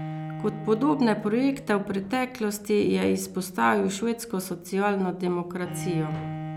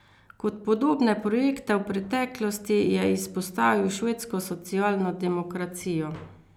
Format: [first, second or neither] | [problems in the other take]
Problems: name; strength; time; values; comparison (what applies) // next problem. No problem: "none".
second | background sound (Bowed string instrument); 12 dB below the speech